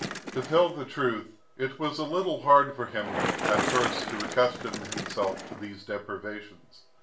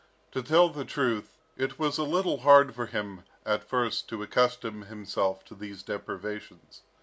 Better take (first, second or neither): second